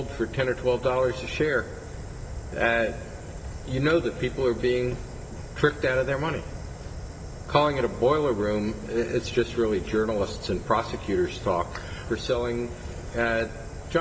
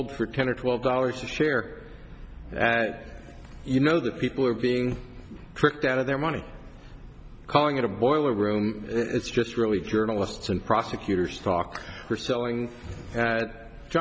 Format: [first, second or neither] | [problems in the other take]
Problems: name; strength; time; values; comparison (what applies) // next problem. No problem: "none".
second | background sound (Fire); 11 dB below the speech // room echo; dies away in 0.2 s